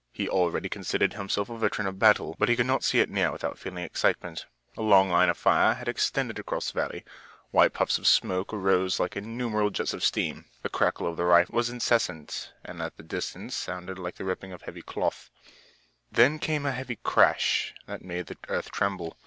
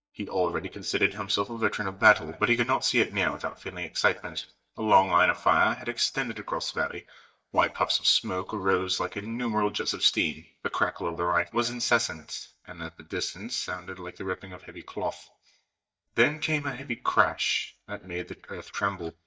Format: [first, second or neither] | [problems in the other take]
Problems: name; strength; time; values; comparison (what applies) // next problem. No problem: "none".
first | noise reduction (neural mask model DeepFilterNet 3)